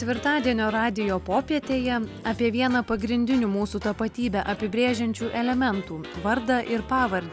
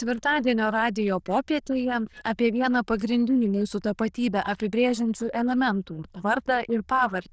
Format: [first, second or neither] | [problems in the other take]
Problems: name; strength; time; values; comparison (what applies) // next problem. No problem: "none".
first | noise reduction (neural diffusion model UNIVERSE++)